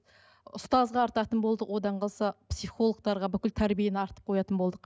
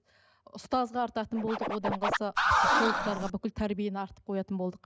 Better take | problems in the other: first | background sound (Scratching (performance technique)); 5 dB above the speech

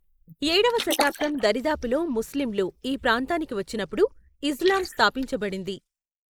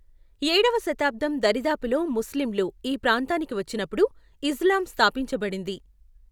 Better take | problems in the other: second | noise reduction (neural mask model Resemble Enhance denoiser)

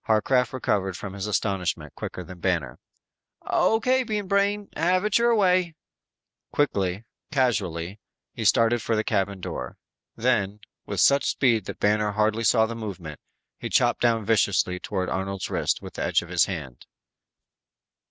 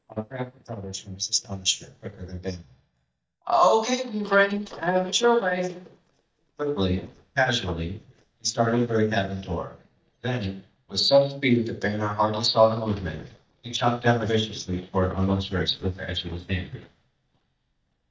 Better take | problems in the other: first | noise reduction (neural mask model DeepFilterNet 3)

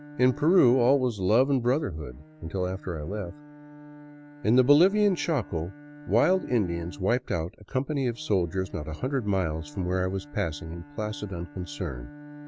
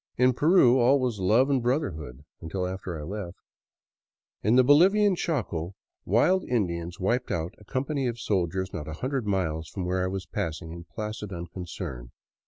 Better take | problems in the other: second | background sound (Bowed string instrument); 19 dB below the speech

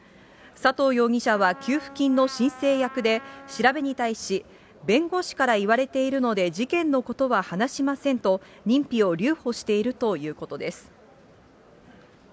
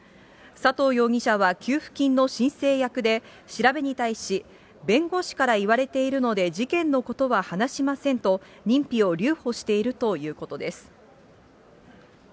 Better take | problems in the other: second | background sound (Trumpet); 19 dB below the speech

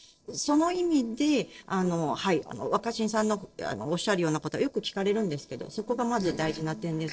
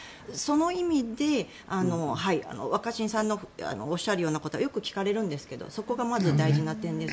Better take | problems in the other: second | noise reduction (neural separator model SepFormer DNS4)

